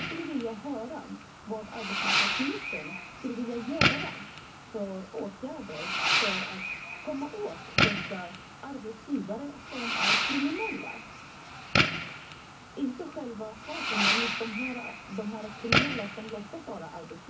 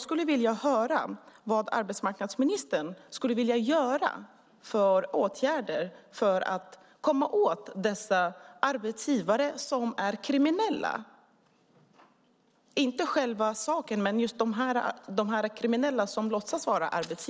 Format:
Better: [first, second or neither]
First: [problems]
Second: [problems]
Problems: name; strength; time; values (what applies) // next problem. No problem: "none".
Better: second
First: background sound (Fireworks); 5 dB above the speech // room echo; dies away in 0.3 s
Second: none